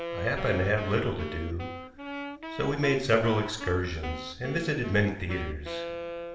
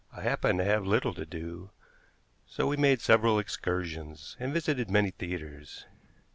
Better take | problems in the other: second | background sound (Wind instrument, woodwind instrument); 9 dB below the speech // room echo; dies away in 0.9 s

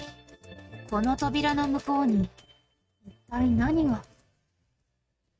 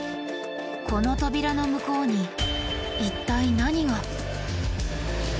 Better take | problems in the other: second | noise reduction (neural mask model RNNoise)

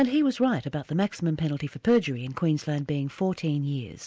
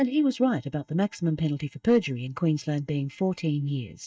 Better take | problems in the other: first | noise reduction (neural mask model DeepFilterNet 3)

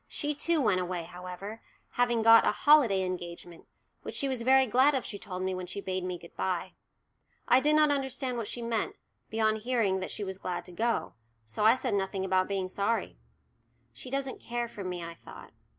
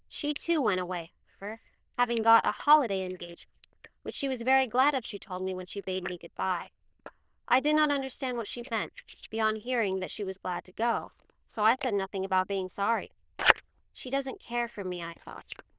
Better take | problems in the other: first | noise reduction (neural diffusion model UNIVERSE++)

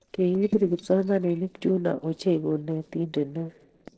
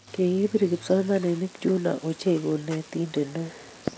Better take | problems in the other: second | noise reduction (neural separator model SepFormer DNS4)

